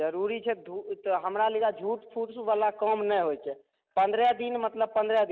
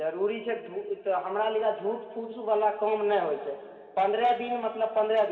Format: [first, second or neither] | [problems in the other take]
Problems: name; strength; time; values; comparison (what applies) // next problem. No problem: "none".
first | room echo; dies away in 2.1 s